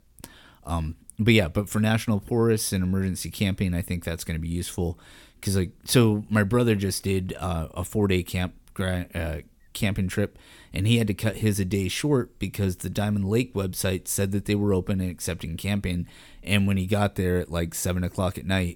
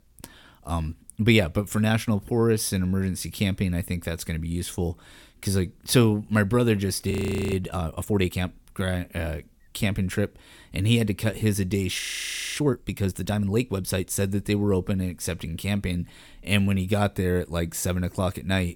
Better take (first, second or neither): first